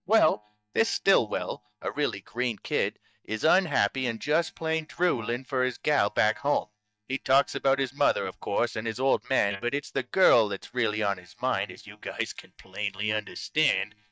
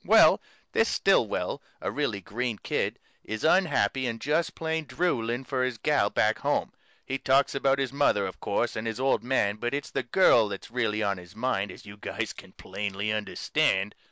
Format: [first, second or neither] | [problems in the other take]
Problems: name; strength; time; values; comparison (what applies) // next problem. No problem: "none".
second | noise reduction (neural mask model DeepFilterNet 3)